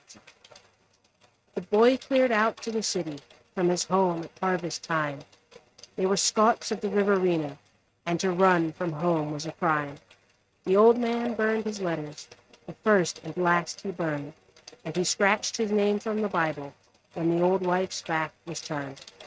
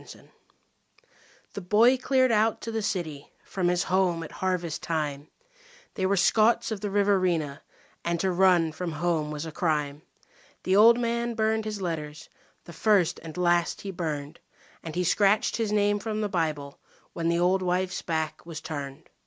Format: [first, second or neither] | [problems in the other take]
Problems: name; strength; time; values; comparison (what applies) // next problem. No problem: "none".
second | noise reduction (neural mask model RNNoise)